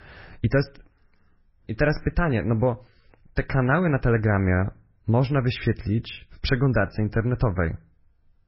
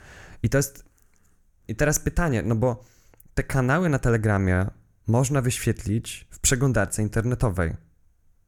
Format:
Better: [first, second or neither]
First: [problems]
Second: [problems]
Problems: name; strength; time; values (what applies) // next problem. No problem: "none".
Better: second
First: garbled, watery; badly; nothing above 5.5 kHz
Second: none